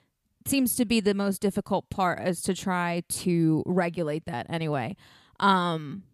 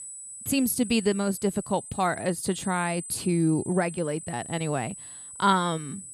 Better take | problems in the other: first | high-pitched whine; noticeable; throughout; 8 kHz, 10 dB below the speech

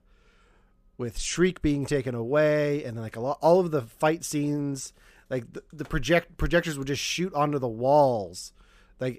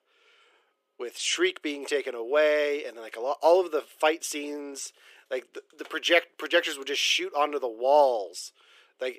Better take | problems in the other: first | thin; somewhat; fading below 350 Hz

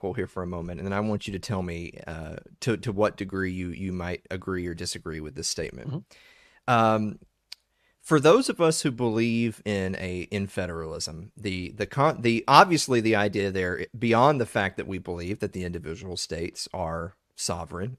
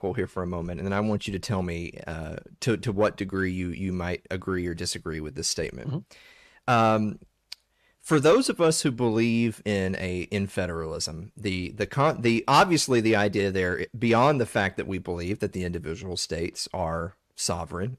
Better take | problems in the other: first | distortion; slight; 10 dB below the speech

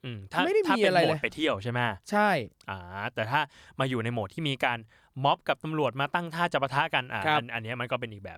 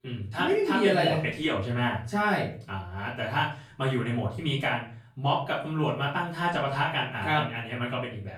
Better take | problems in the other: first | off-mic speech; far // room echo; slight; dies away in 0.4 s

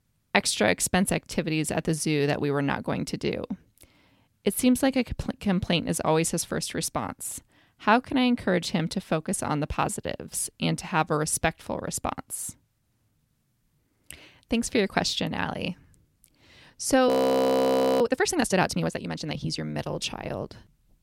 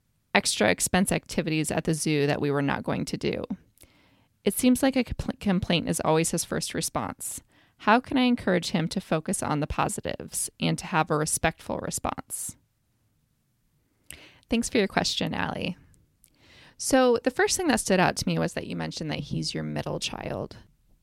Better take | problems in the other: second | audio freezing; at 17 s for 1 s

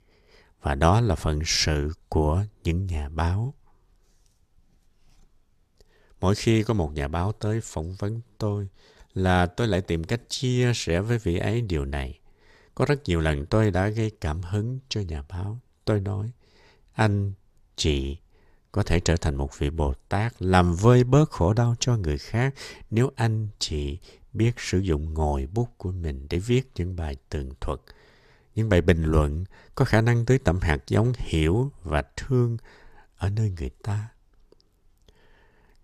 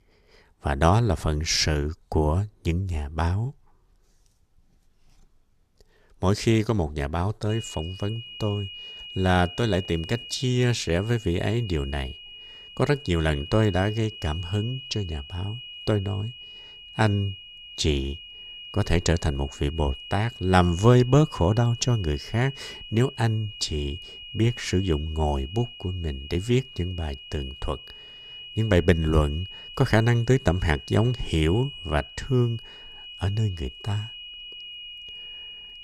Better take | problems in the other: first | high-pitched whine; noticeable; from 7.5 s on; 3 kHz, 15 dB below the speech

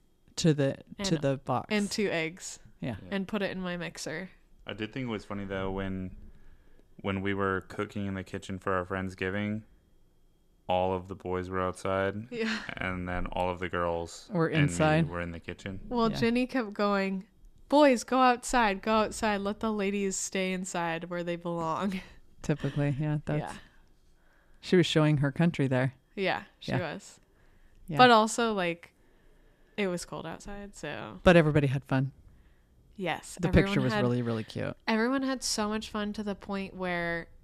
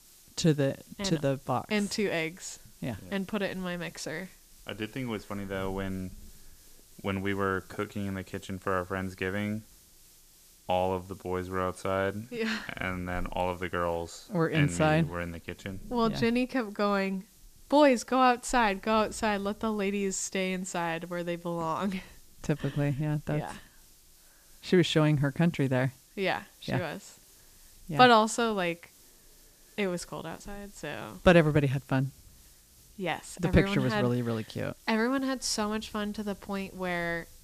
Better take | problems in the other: first | hiss; faint; throughout; 25 dB below the speech

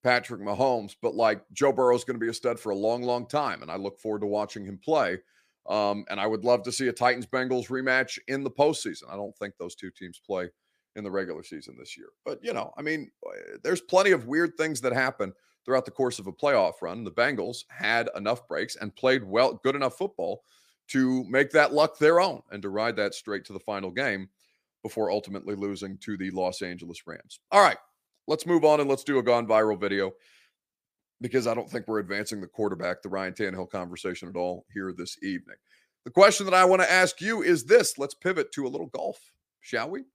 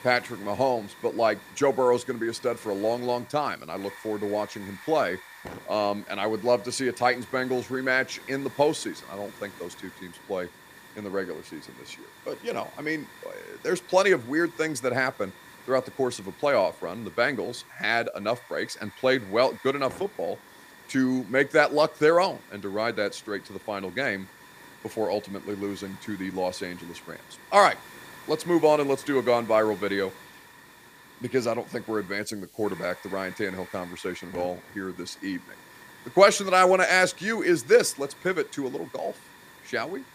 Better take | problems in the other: first | hiss; faint; throughout; 20 dB below the speech

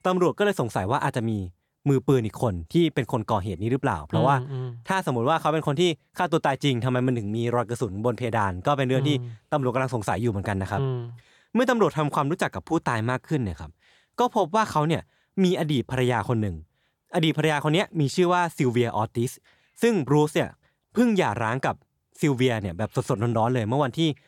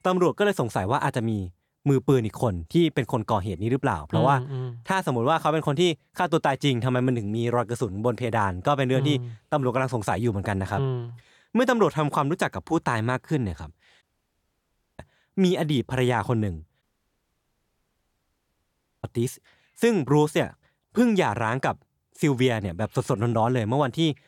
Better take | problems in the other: first | audio cutting out; at 14 s for 1 s and at 17 s for 2 s

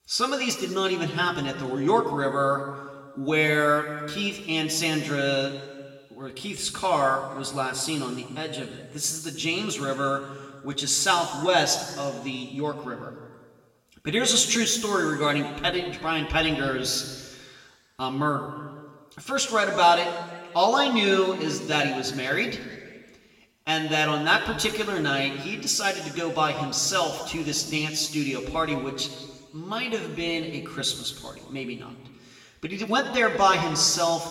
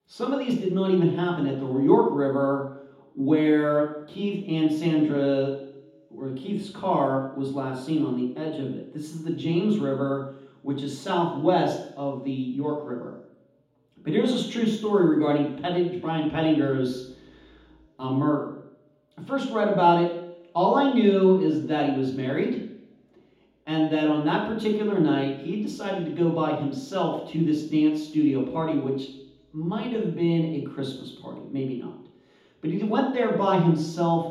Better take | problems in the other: first | room echo; strong; dies away in 0.9 s; slight in the first // off-mic speech; far; somewhat distant in the first

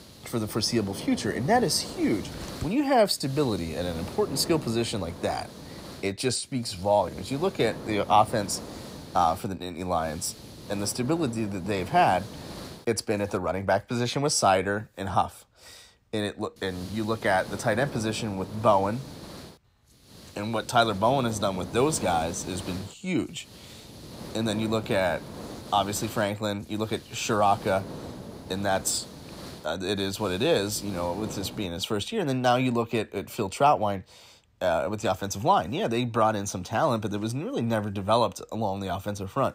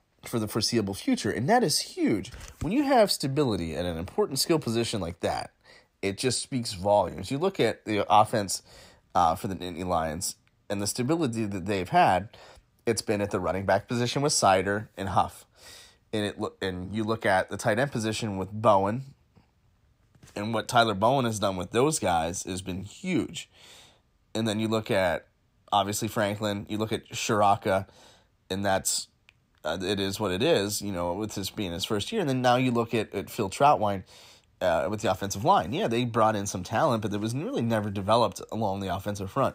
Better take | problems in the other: second | hiss; noticeable; until 13 s and from 17 to 32 s; 15 dB below the speech

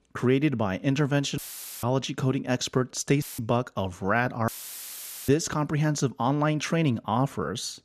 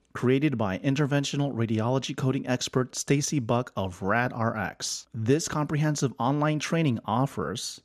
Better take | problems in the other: second | audio cutting out; filled with static; at 1.5 s, at 3 s and at 4.5 s for 1 s

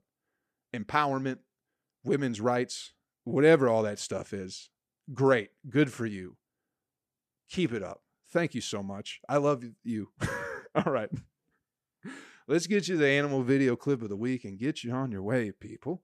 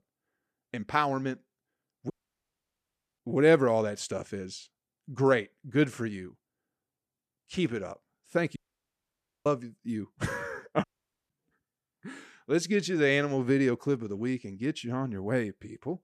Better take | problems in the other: first | audio cutting out; at 2 s for 1 s, at 8.5 s for 1 s and at 11 s

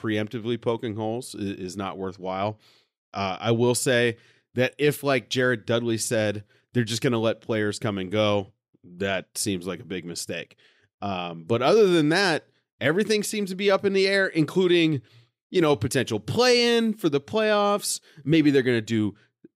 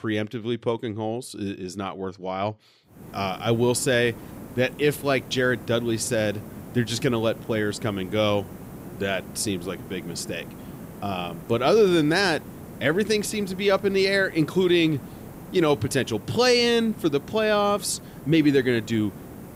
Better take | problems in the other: first | hiss; noticeable; from 3 s on; 15 dB below the speech

